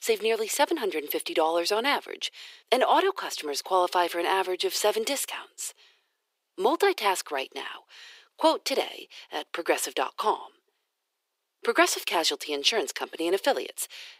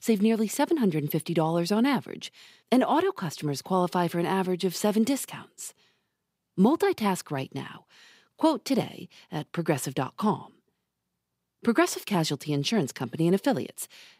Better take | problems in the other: second | thin; very; fading below 400 Hz

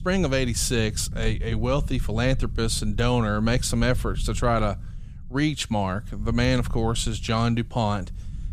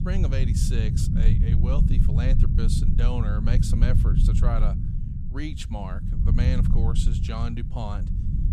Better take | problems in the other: first | low rumble; loud; throughout; 1 dB below the speech; faint in the first

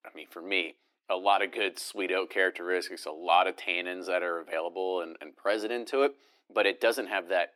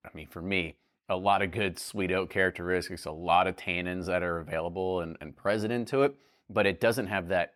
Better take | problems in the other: second | thin; somewhat; fading below 300 Hz

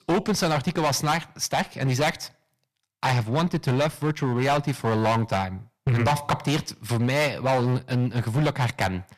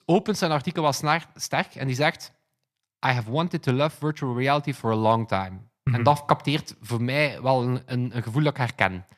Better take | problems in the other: second | distortion; heavy; 13% of the sound clipped

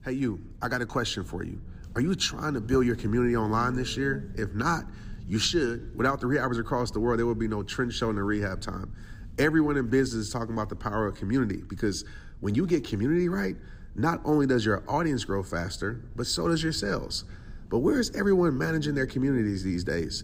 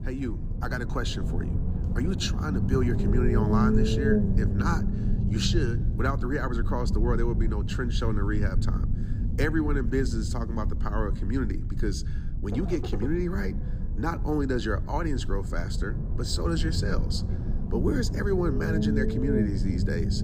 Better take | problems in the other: first | low rumble; loud; throughout; 5 dB below the speech; faint in the first

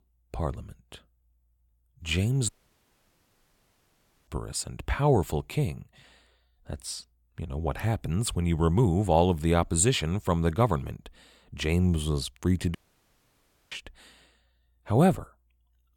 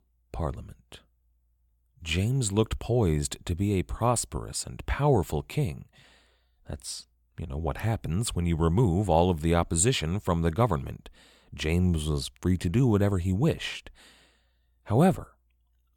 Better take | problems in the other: second | audio cutting out; at 2.5 s for 2 s and at 13 s for 1 s

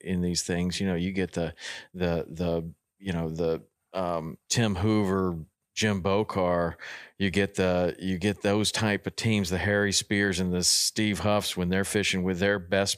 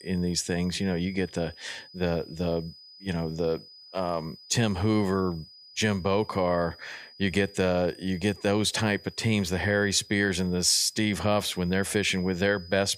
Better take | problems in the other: first | high-pitched whine; faint; throughout; 5 kHz, 20 dB below the speech

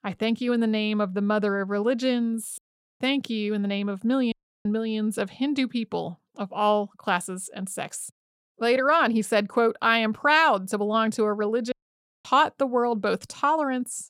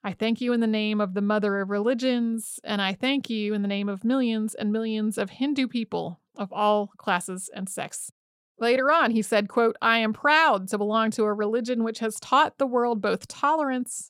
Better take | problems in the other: second | audio cutting out; at 2.5 s, at 4.5 s and at 12 s for 0.5 s

